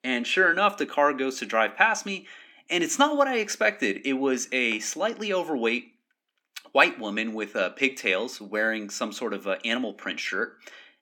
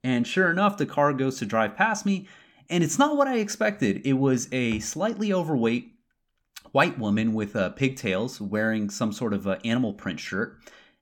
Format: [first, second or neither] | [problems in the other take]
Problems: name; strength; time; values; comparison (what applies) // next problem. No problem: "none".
second | thin; somewhat; fading below 300 Hz